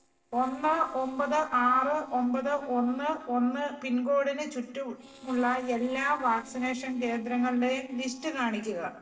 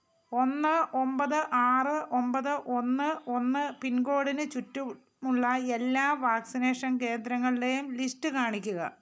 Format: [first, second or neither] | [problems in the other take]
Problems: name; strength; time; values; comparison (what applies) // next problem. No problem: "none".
second | noise reduction (neural separator model SepFormer DNS4)